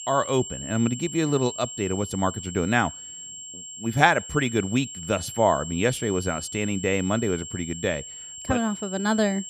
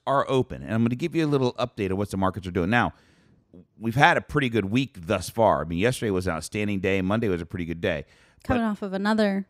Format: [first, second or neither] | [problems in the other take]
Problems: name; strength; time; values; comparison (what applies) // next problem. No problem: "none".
second | high-pitched whine; loud; throughout; 7.5 kHz, 10 dB below the speech